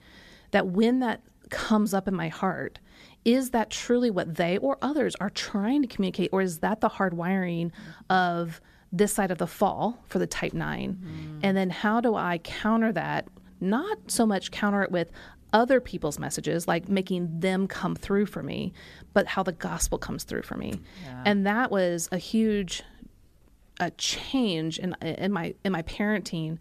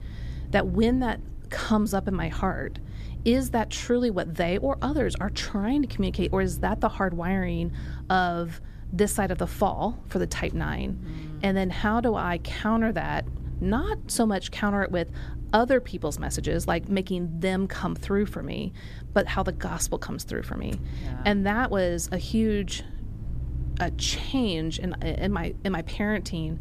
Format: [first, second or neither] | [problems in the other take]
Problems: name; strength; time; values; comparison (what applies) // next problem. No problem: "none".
first | low rumble; faint; throughout; 20 dB below the speech